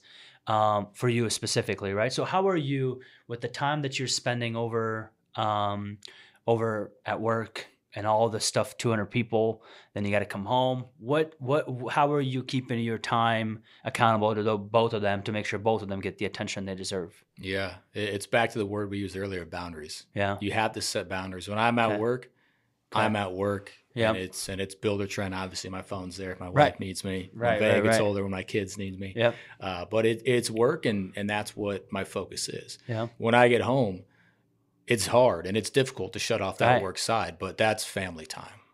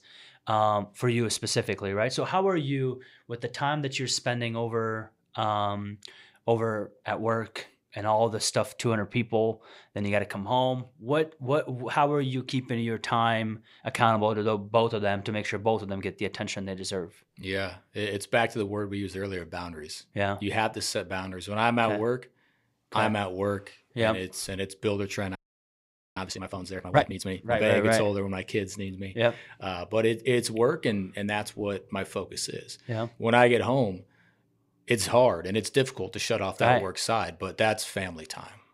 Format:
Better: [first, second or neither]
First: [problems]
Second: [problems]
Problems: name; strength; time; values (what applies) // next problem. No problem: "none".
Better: first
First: none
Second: audio freezing; at 25 s for 1 s